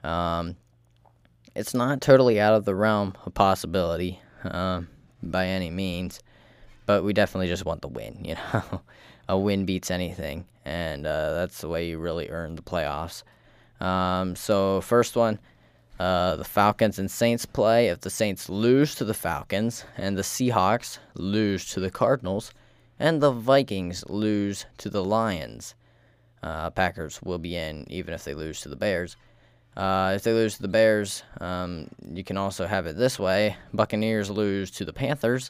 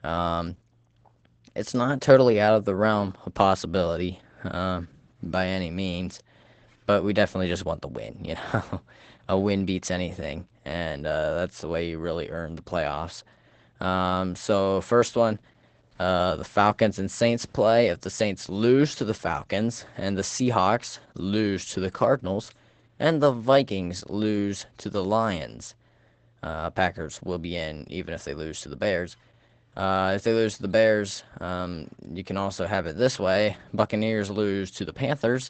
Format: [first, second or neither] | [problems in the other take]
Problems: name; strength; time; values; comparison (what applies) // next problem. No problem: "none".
first | garbled, watery; badly; nothing above 8 kHz